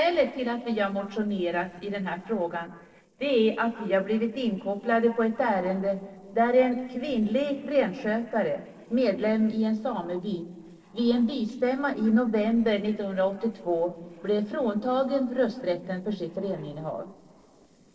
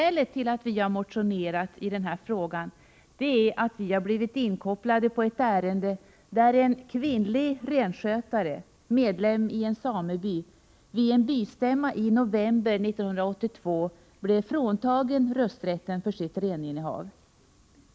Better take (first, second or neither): second